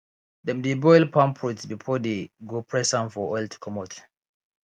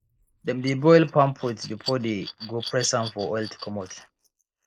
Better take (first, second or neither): first